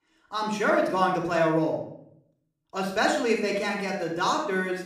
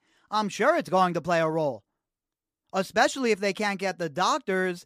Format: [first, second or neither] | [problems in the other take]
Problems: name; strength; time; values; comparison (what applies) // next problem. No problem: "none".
second | off-mic speech; somewhat distant // room echo; noticeable; dies away in 0.6 s